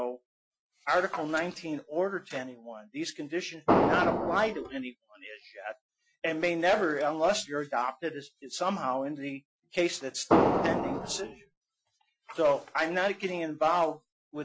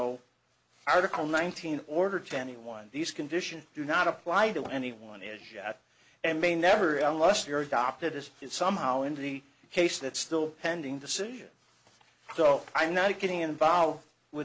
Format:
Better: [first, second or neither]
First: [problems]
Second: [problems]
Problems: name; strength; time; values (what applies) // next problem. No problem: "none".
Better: second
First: noise reduction (classical method Wiener filter)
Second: none